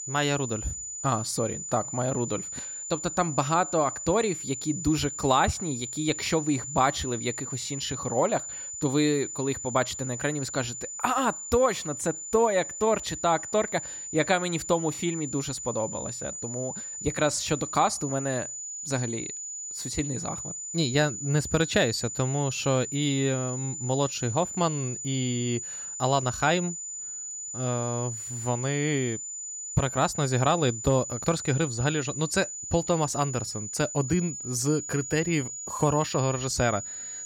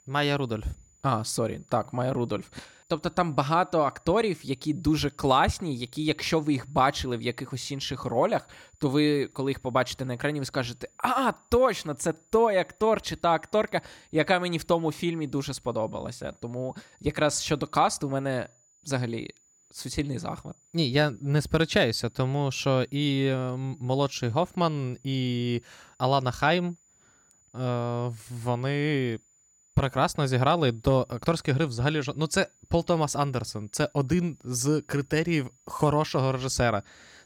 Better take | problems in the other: second | high-pitched whine; loud; throughout; 7 kHz, 6 dB below the speech; faint in the second

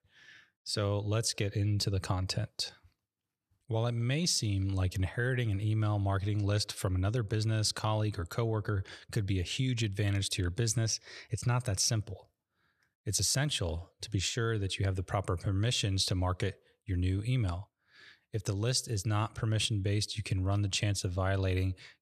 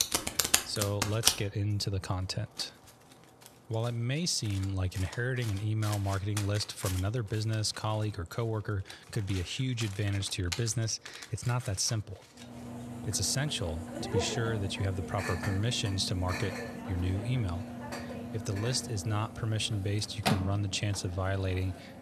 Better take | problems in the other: first | household noises; loud; throughout; 4 dB below the speech

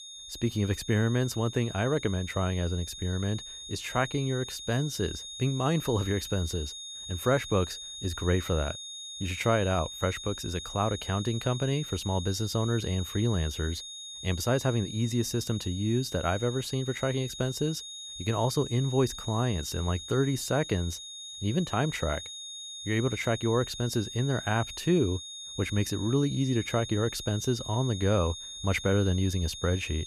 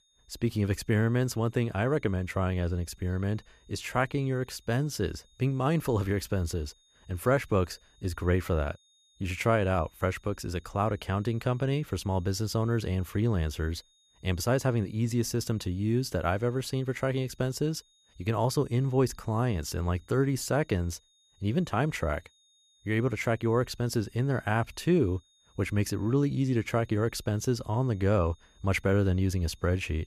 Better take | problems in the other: second | high-pitched whine; loud; throughout; 3.5 kHz, 9 dB below the speech; faint in the second

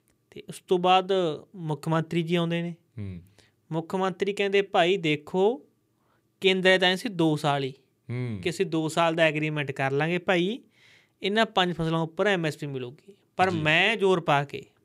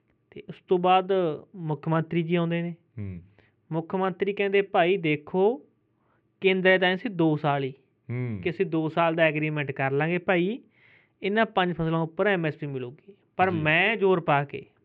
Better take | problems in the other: first | muffled; very; fading above 2.5 kHz

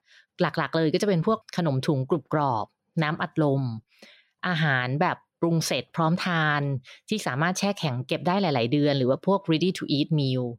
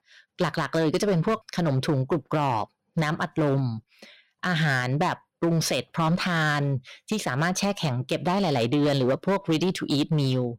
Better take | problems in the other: first | distortion; slight; 11% of the sound clipped

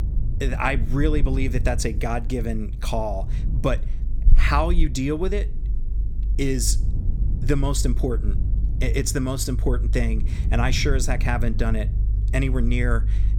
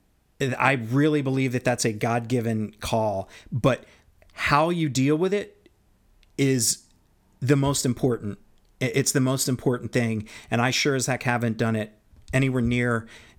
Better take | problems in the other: second | low rumble; noticeable; throughout; 15 dB below the speech

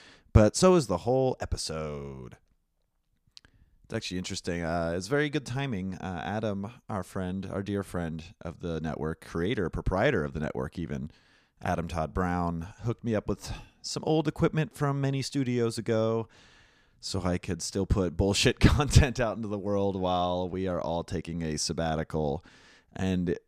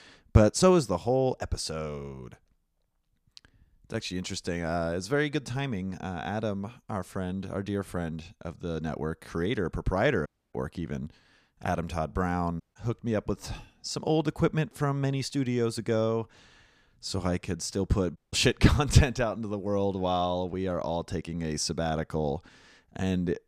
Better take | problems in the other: first | audio cutting out; at 10 s, at 13 s and at 18 s

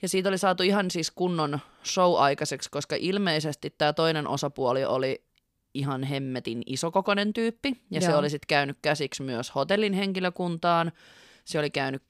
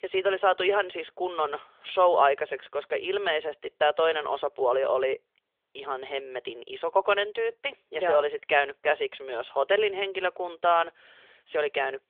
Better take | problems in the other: first | phone-call audio; nothing above 3.5 kHz

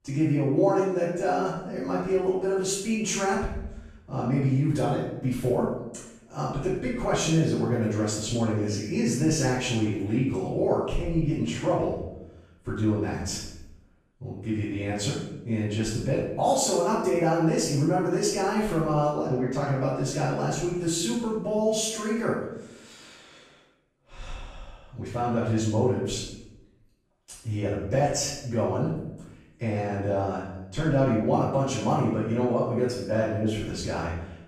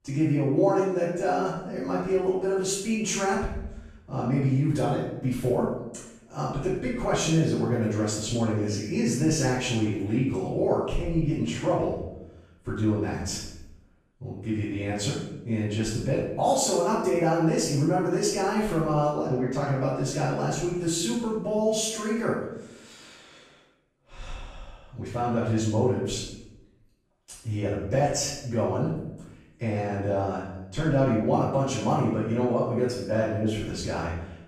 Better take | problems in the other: neither | off-mic speech; far; the same in both // room echo; noticeable; dies away in 0.7 s; the same in both

